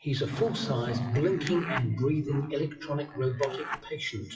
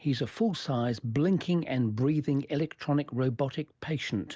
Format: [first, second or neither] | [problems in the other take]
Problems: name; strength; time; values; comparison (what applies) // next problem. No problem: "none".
second | noise reduction (classical method WPE with log-MMSE)